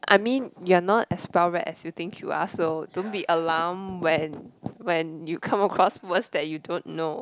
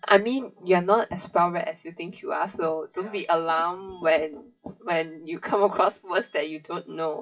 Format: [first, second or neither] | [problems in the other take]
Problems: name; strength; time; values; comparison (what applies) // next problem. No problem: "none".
first | noise reduction (classical method WPE with log-MMSE)